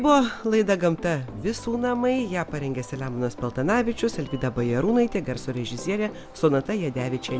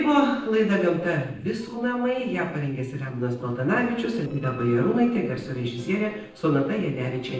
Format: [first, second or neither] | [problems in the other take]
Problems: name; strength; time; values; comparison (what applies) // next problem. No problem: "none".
first | noise reduction (neural separator model SepFormer DNS4)